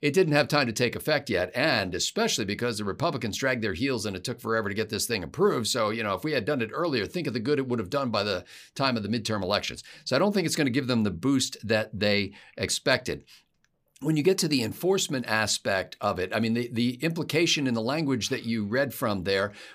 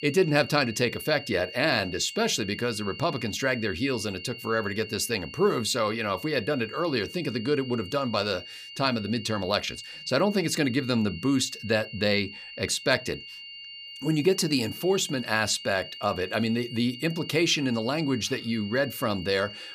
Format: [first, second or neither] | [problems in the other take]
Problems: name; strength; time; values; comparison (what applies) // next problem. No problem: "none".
first | high-pitched whine; noticeable; throughout; 3 kHz, 15 dB below the speech